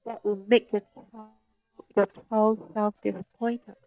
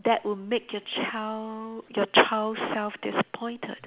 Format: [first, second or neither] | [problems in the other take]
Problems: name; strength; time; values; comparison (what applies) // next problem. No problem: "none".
second | noise reduction (neural mask model DeepFilterNet 3)